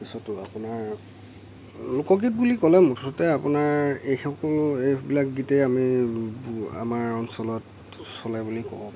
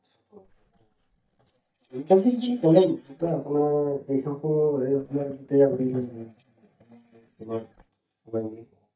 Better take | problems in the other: first | noise reduction (neural mask model DeepFilterNet 3)

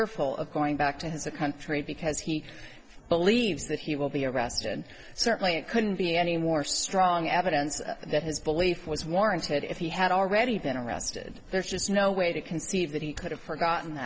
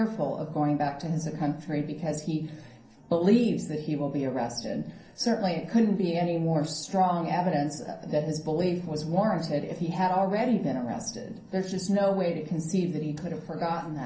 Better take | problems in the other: first | room echo; dies away in 0.6 s

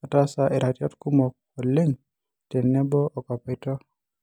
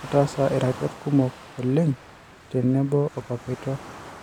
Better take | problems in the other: first | background sound (Waves, surf); 16 dB below the speech

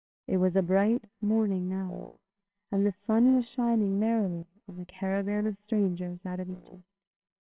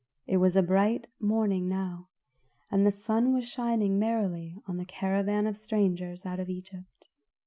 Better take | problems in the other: second | noise reduction (neural separator model SepFormer WHAMR!)

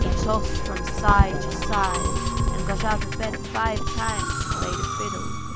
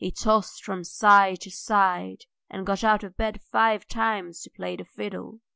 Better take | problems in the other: second | background sound (Musical instrument); 5 dB above the speech

